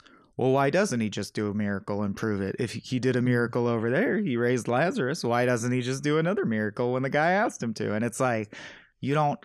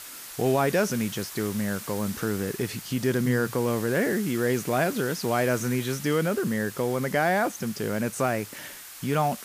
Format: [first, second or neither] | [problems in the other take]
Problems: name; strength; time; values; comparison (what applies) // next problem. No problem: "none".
first | hiss; noticeable; throughout; 10 dB below the speech